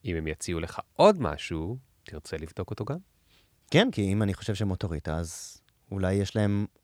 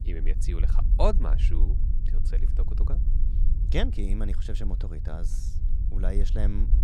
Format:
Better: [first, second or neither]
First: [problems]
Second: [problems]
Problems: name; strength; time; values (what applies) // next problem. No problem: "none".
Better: first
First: none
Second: low rumble; noticeable; throughout; 10 dB below the speech